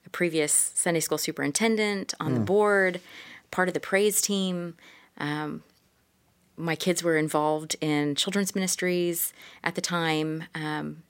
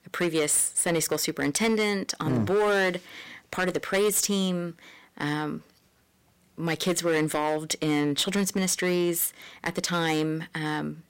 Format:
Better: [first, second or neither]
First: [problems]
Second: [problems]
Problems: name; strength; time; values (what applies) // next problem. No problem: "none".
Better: first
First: none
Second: distortion; slight; 7% of the sound clipped